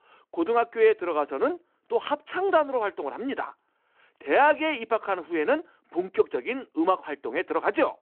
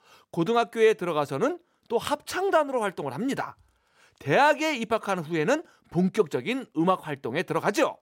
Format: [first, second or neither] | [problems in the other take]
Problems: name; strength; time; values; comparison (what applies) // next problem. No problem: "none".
second | phone-call audio